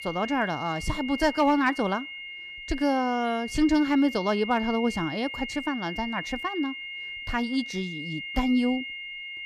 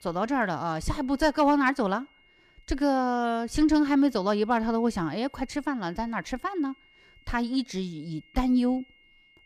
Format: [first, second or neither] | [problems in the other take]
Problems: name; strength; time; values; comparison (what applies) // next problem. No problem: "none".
second | high-pitched whine; loud; throughout; 2 kHz, 9 dB below the speech; faint in the second